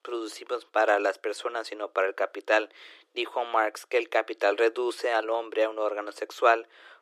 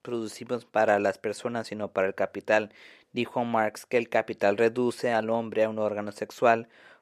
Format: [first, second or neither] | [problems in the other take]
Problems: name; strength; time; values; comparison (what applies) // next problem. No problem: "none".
second | thin; very; fading below 300 Hz